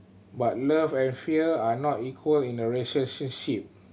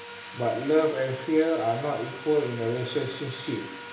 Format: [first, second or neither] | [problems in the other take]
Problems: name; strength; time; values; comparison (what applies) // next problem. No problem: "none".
first | background sound (Sawing); 14 dB below the speech // room echo; dies away in 0.7 s